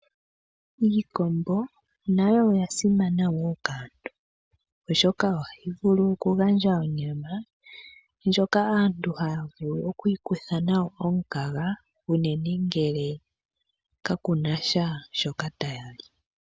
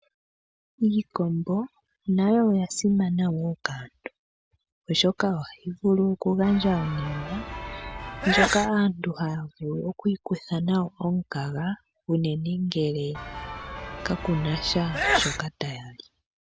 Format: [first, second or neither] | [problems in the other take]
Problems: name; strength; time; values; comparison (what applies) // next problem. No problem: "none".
first | background sound (Sneeze / Church bell); 3 dB below the speech